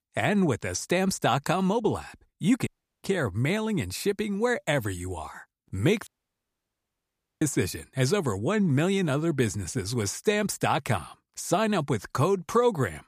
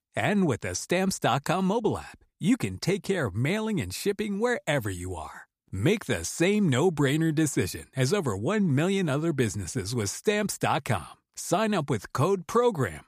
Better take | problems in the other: second | audio cutting out; at 2.5 s and at 6 s for 1.5 s

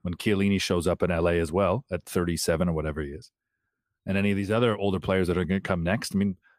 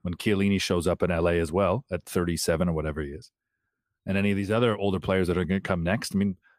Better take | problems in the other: neither | none

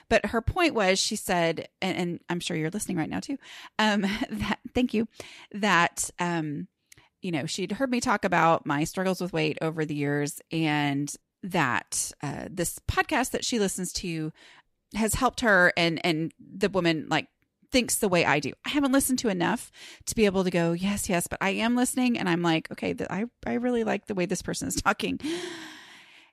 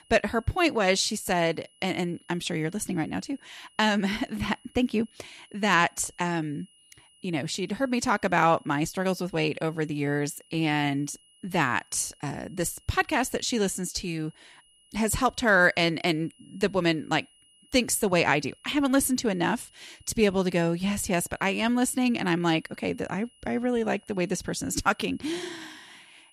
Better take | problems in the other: first | high-pitched whine; faint; throughout; 3 kHz, 30 dB below the speech

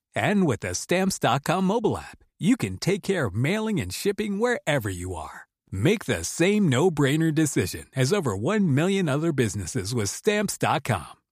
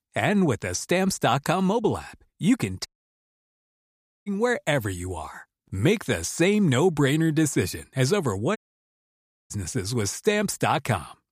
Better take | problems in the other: first | audio cutting out; at 3 s for 1.5 s and at 8.5 s for 1 s

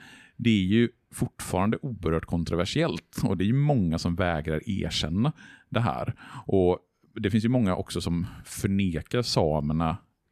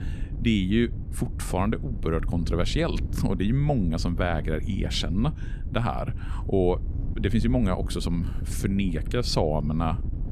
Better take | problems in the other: first | wind noise on the microphone; occasional gusts; 15 dB below the speech

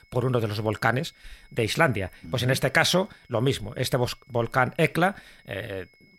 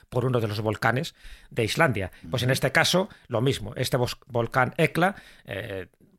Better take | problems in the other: second | high-pitched whine; faint; throughout; 2 kHz, 35 dB below the speech

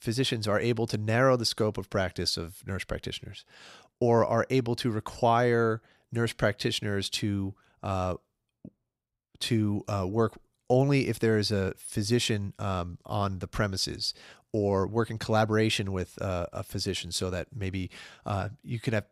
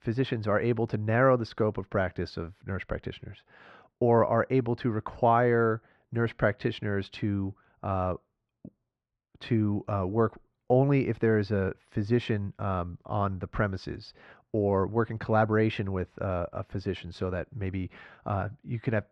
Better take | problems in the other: first | muffled; very; fading above 1.5 kHz

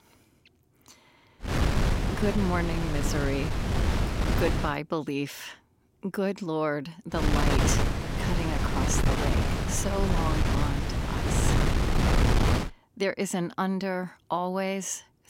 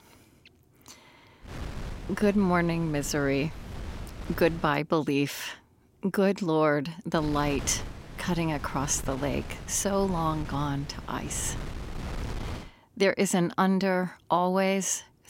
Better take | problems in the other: second | wind noise on the microphone; heavy; from 1.5 to 4.5 s and from 7 to 13 s; 1 dB above the speech; occasional gusts in the second

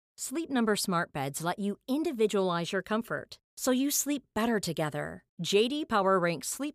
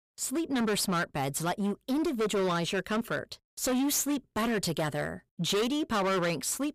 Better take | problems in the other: first | distortion; heavy; 19% of the sound clipped

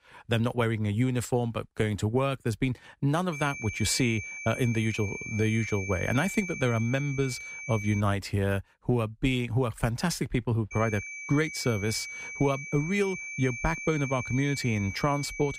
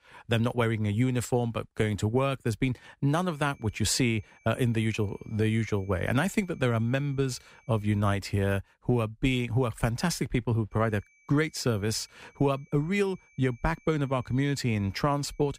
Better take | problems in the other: second | high-pitched whine; loud; from 3.5 to 8 s and from 11 s on; 2.5 kHz, 8 dB below the speech; faint in the second

